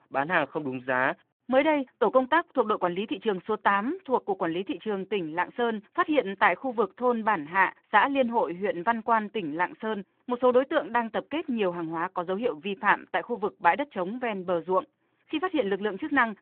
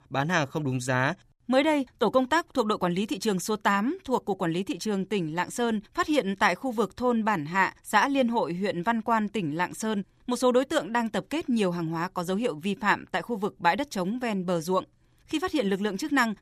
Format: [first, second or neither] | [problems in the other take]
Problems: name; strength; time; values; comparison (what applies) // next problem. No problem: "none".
second | phone-call audio